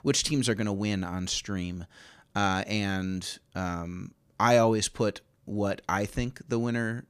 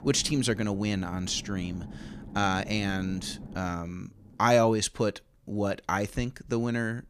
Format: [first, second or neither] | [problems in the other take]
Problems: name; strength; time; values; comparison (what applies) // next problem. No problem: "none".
first | low rumble; faint; throughout; 20 dB below the speech